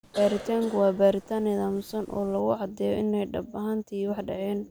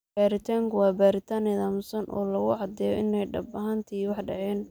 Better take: second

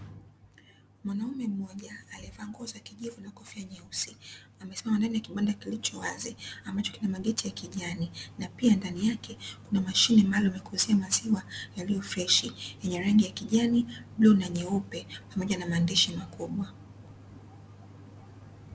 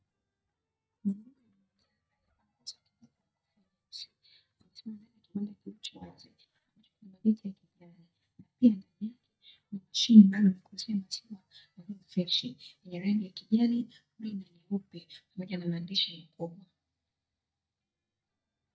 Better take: first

